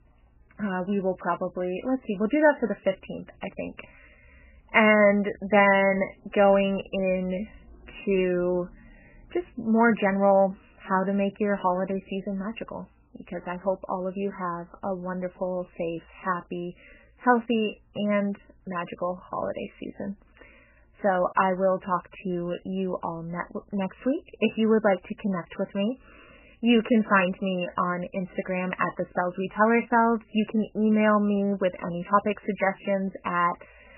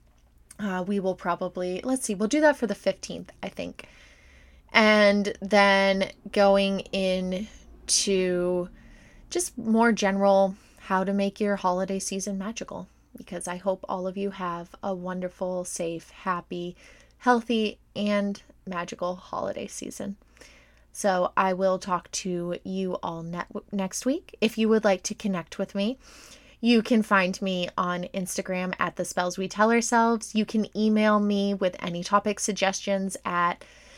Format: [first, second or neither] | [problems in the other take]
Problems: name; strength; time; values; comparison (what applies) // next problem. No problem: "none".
second | garbled, watery; badly; nothing above 3 kHz